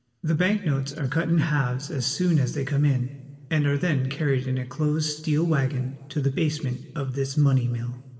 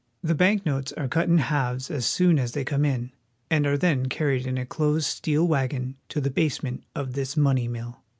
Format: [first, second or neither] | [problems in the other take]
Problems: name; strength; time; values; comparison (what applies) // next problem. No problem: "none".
second | room echo; dies away in 1.4 s